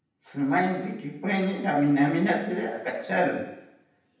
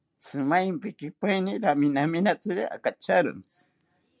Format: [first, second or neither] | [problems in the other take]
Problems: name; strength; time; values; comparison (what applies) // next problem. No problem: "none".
second | room echo; dies away in 0.9 s